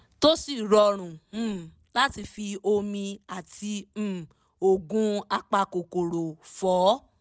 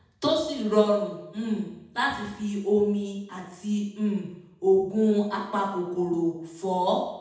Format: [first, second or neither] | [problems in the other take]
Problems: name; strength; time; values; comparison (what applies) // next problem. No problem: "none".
first | room echo; dies away in 0.8 s